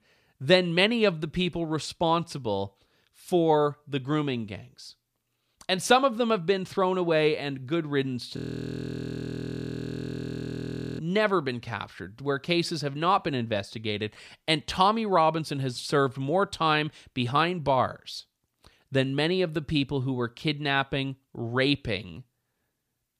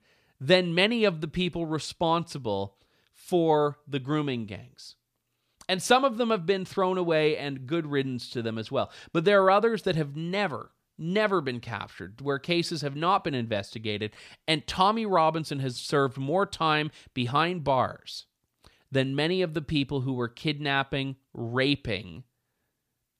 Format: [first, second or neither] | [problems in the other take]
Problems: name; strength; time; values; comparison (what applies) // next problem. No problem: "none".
second | audio freezing; at 8.5 s for 2.5 s